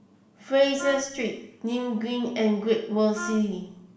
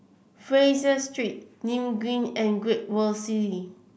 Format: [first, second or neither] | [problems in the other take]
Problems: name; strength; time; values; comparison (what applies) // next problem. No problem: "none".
second | background sound (Wind instrument, woodwind instrument); 13 dB below the speech // room echo; dies away in 0.7 s